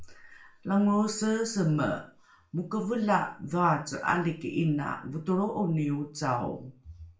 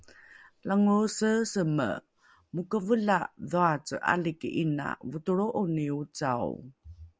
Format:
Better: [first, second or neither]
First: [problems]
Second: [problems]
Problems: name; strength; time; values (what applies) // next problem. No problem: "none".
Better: second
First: room echo; dies away in 0.4 s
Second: none